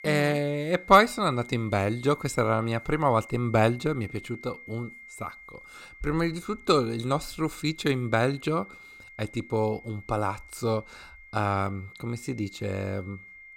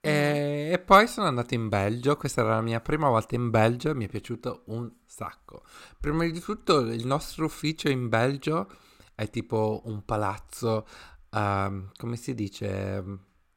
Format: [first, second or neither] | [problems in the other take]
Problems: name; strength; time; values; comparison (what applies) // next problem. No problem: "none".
second | high-pitched whine; noticeable; throughout; 2 kHz, 20 dB below the speech